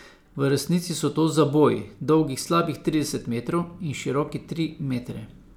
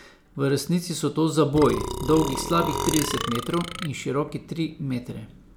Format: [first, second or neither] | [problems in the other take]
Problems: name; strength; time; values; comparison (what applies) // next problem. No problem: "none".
first | background sound (Burping, eructation); 5 dB below the speech